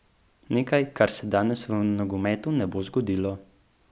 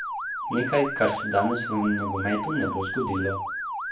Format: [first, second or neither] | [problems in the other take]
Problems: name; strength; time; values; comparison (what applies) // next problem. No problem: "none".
first | background sound (Motor vehicle (road) / Siren); 4 dB below the speech // room echo; dies away in 0.3 s